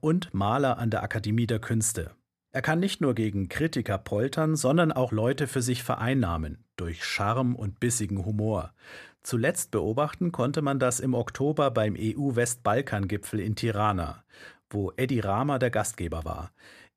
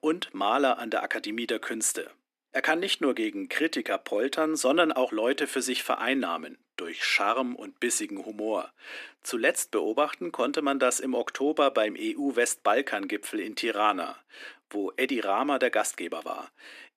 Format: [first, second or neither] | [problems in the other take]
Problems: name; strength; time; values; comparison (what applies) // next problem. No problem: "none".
first | thin; somewhat; fading below 300 Hz